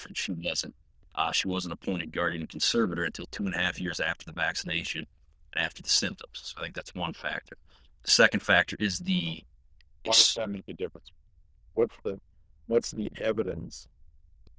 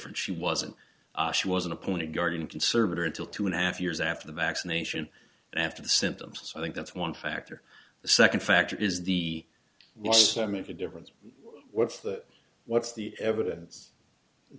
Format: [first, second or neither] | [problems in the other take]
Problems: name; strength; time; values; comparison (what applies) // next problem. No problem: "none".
second | noise reduction (neural diffusion model UNIVERSE++)